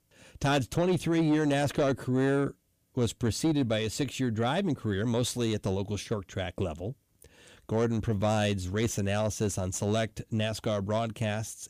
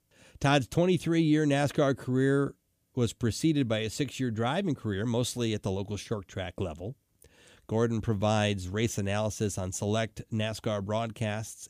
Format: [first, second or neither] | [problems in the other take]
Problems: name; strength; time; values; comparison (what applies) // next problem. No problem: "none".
second | distortion; slight; 10 dB below the speech